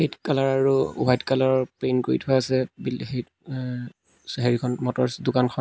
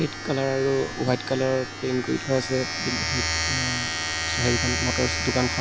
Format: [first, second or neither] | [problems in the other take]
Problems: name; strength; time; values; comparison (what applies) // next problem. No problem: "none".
first | background sound (Domestic sounds, home sounds); 2 dB below the speech